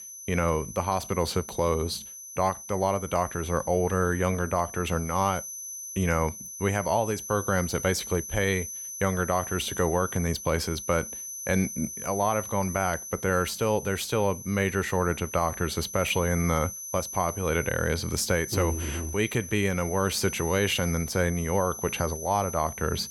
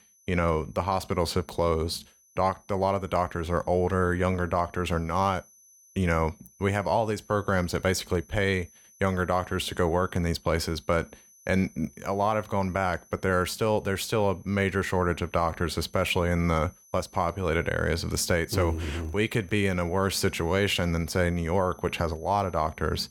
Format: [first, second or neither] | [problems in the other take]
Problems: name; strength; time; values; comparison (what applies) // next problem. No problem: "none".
second | high-pitched whine; loud; throughout; 6 kHz, 9 dB below the speech; faint in the second